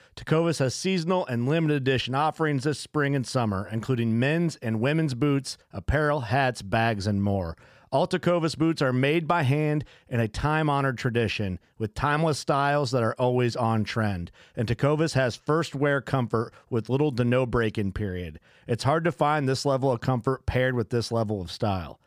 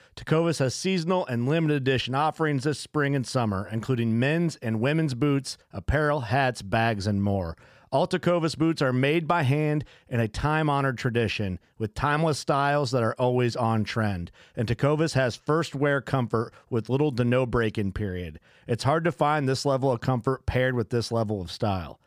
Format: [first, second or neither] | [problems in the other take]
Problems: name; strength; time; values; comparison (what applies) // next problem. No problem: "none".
neither | none